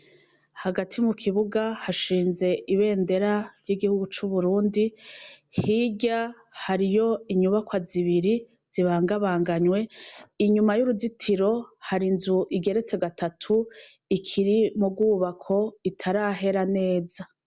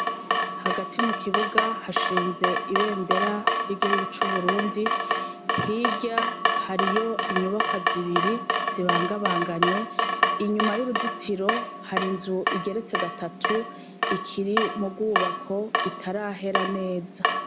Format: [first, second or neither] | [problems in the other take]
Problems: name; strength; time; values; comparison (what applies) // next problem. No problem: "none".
first | background sound (Drip / Water tap, faucet); 2 dB above the speech